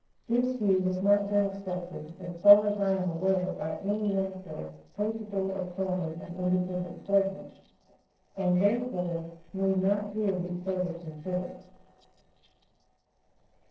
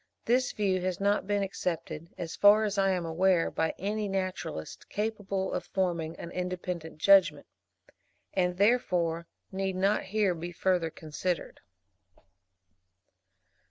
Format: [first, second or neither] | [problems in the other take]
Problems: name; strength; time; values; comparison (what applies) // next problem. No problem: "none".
second | noise reduction (neural separator model SepFormer DNS4)